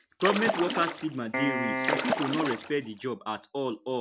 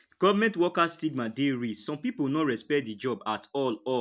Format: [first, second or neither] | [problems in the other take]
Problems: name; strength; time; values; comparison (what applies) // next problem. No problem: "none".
second | background sound (Piano + Splash, splatter); 1 dB below the speech